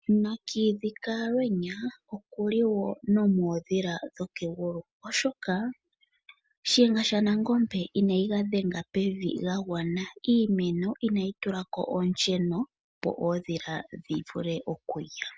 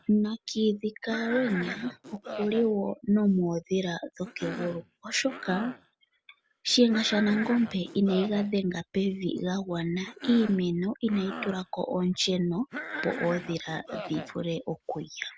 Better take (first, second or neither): first